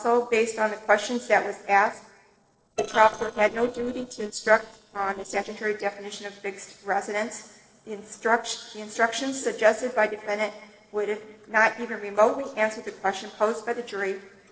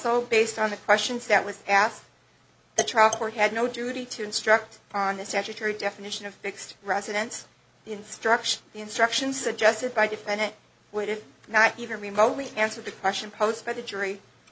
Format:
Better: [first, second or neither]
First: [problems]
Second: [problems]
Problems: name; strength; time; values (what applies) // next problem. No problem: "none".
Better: second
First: noise reduction (neural separator model SepFormer DNS4)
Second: none